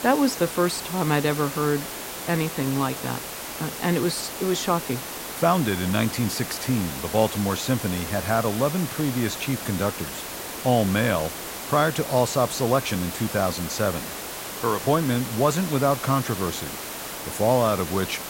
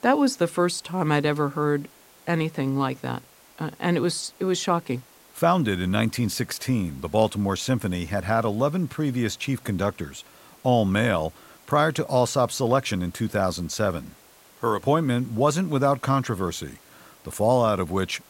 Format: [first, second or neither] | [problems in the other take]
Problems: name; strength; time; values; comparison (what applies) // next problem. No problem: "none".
second | hiss; loud; throughout; 7 dB below the speech; faint in the second